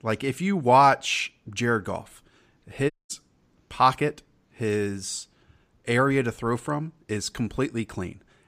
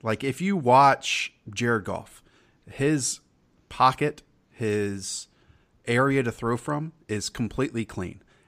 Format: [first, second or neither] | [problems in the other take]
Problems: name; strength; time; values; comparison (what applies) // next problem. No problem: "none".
second | audio cutting out; at 3 s